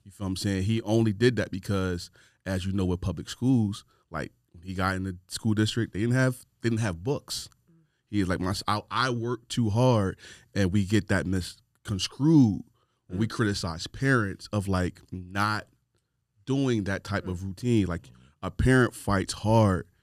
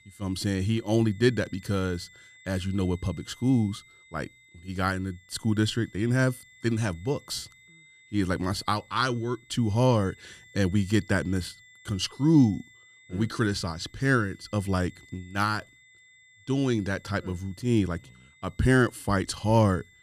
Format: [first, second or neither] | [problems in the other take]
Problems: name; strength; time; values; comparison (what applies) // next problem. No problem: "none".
first | high-pitched whine; faint; throughout; 2 kHz, 25 dB below the speech